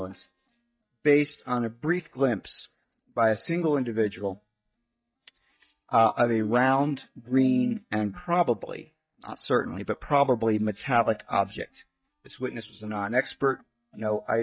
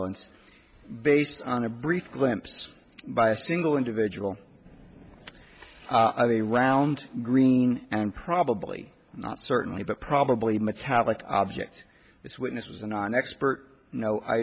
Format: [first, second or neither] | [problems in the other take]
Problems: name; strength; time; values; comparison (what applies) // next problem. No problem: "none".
second | noise reduction (neural mask model DeepFilterNet 3)